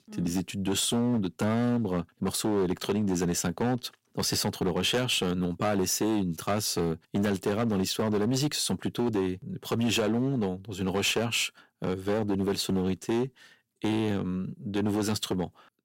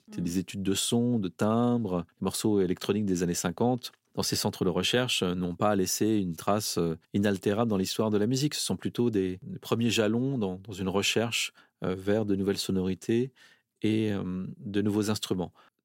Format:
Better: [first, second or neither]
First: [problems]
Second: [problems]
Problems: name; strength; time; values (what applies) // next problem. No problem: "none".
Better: second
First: distortion; slight; 10% of the sound clipped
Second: none